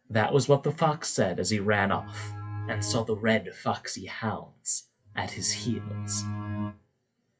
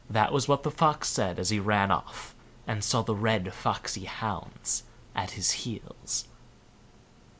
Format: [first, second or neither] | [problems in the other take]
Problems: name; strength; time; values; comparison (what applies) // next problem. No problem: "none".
second | noise reduction (classical method WPE with log-MMSE)